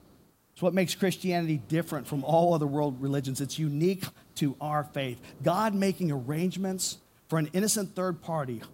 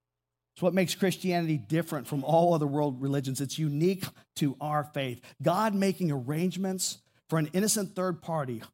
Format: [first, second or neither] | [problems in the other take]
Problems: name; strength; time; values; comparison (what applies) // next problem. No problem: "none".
second | hiss; faint; throughout; 25 dB below the speech